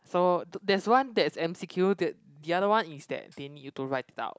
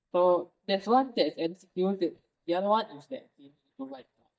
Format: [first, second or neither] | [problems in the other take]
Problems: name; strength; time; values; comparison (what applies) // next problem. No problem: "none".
first | noise reduction (neural mask model DeepFilterNet 3)